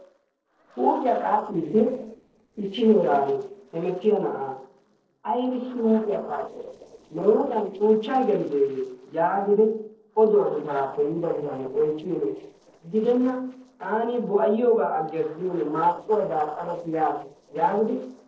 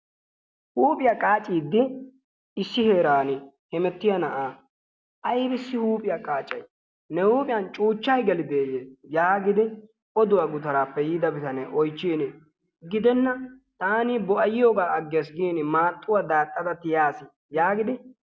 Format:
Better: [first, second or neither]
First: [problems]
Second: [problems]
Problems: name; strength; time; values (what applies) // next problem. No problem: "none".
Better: second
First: noise reduction (neural separator model SepFormer DNS4)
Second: none